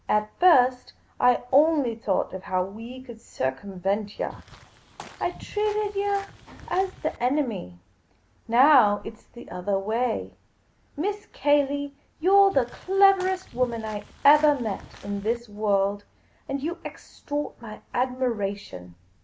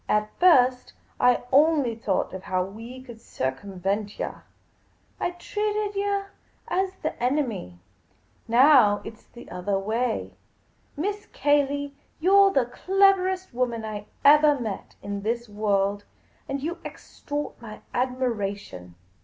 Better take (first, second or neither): second